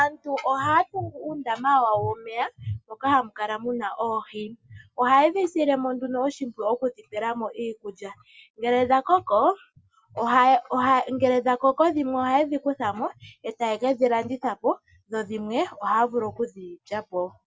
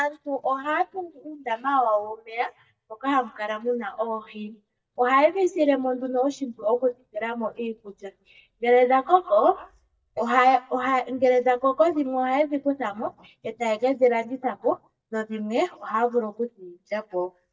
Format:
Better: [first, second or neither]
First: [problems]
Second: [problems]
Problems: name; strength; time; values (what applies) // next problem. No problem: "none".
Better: first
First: none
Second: noise reduction (neural mask model DeepFilterNet 3)